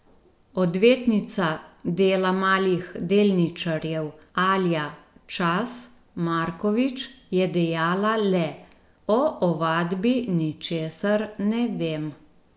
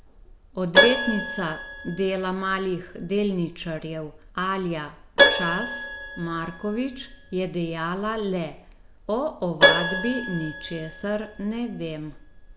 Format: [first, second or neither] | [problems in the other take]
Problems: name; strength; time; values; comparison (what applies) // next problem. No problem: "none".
first | background sound (Keyboard (musical)); 1 dB above the speech